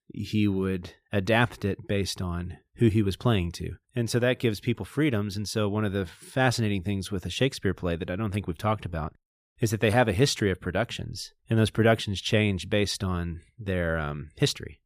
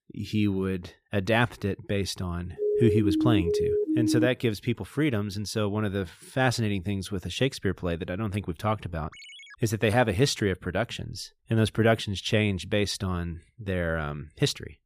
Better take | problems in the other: first | siren; loud; from 2.5 to 4.5 s; peak 2 dB above the speech // phone ringing; faint; at 9 s; peak 15 dB below the speech

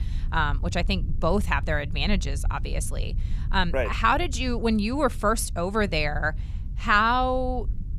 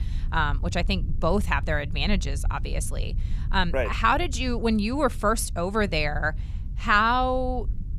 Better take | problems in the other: neither | low rumble; faint; throughout; 25 dB below the speech; the same in both

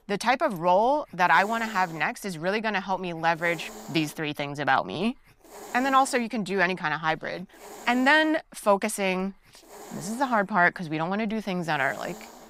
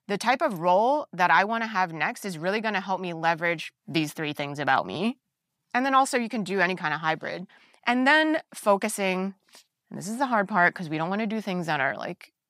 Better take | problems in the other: second | hiss; noticeable; throughout; 20 dB below the speech

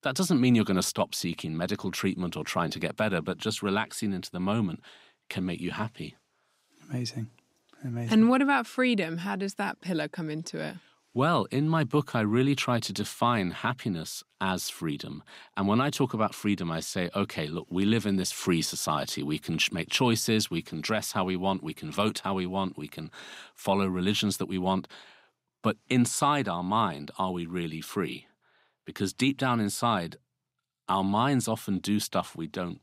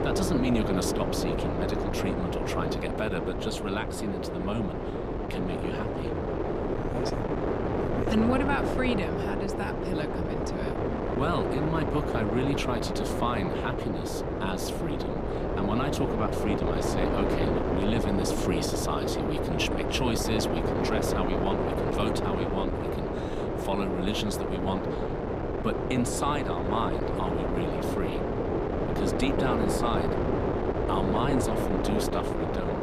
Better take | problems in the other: first | wind noise on the microphone; heavy; 2 dB above the speech

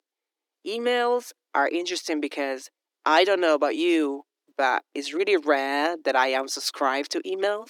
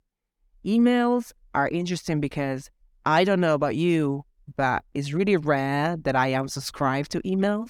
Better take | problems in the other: second | thin; somewhat; fading below 300 Hz

